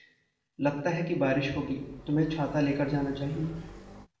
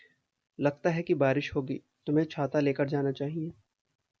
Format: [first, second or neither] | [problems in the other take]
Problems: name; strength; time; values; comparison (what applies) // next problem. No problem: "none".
second | background sound (Motorcycle); 17 dB below the speech // room echo; dies away in 0.8 s